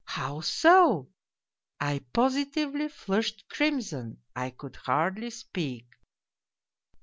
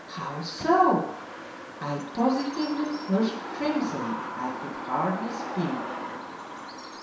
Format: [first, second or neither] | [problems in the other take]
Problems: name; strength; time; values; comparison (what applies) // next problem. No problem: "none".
first | background sound (Bird vocalization, bird call, bird song); 8 dB below the speech // room echo; dies away in 0.7 s